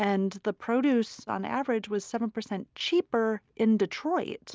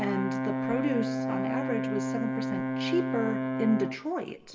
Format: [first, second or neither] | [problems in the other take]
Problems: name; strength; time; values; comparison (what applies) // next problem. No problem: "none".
first | background sound (Brass instrument); 1 dB above the speech // room echo; dies away in 1.1 s